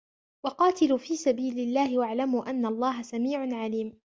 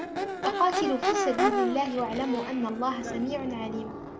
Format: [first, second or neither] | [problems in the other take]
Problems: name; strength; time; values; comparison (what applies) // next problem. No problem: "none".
first | background sound (Crowd / Race car, auto racing / Accelerating, revving, vroom); 1 dB below the speech // room echo; dies away in 0.4 s